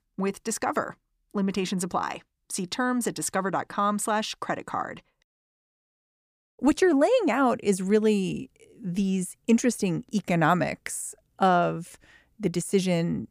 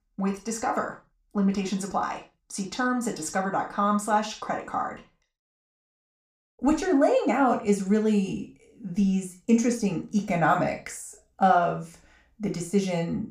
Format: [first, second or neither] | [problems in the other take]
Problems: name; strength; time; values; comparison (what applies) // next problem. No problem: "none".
first | room echo; slight; dies away in 0.3 s // off-mic speech; far